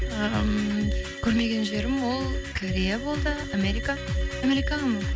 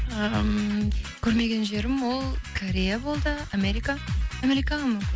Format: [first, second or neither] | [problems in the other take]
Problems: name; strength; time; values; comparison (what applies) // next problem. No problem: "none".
second | background sound (Organ); 11 dB below the speech